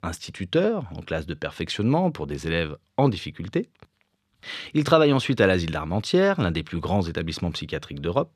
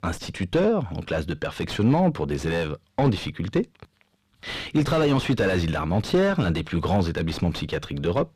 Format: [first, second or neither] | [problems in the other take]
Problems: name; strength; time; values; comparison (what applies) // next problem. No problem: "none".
first | distortion; heavy; 6 dB below the speech